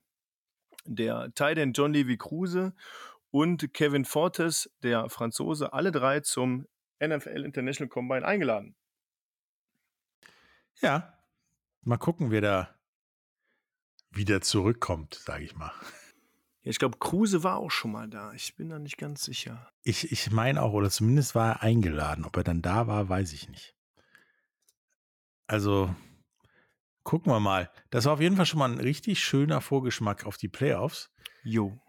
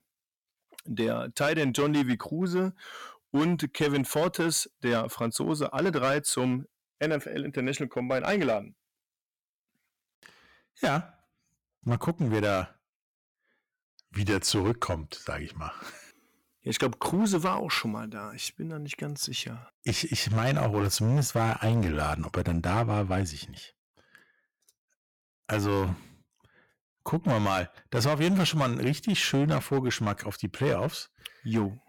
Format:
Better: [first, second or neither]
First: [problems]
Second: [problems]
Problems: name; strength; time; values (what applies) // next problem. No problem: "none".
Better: first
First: none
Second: distortion; slight; 6% of the sound clipped